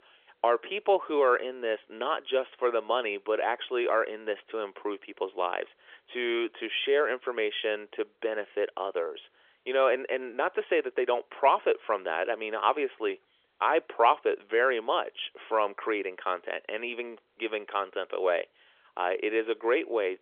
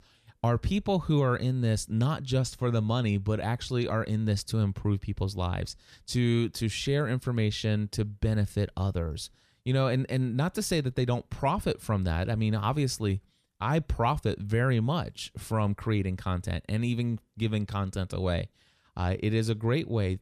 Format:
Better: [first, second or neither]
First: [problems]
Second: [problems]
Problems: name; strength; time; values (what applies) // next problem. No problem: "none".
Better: second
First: phone-call audio; nothing above 3.5 kHz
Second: none